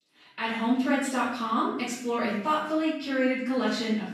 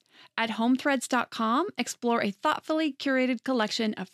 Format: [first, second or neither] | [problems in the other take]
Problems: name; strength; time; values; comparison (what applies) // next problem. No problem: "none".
second | off-mic speech; far // room echo; noticeable; dies away in 0.7 s